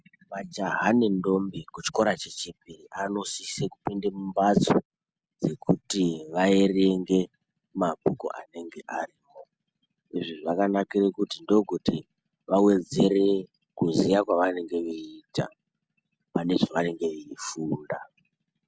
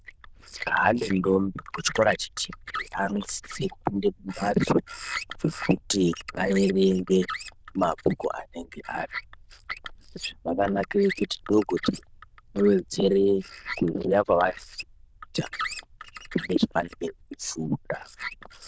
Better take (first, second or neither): first